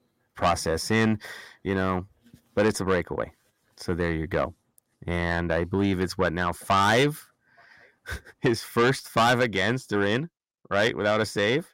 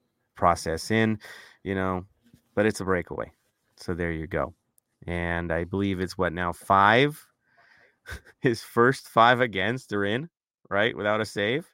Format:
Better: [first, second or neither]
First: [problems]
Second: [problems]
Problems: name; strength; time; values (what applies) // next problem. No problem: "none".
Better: second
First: distortion; heavy; 7 dB below the speech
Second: none